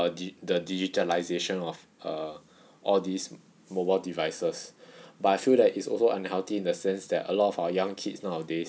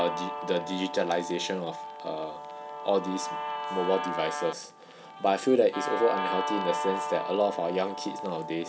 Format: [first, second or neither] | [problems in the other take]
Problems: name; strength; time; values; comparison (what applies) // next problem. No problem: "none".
first | background sound (Guitar); 5 dB below the speech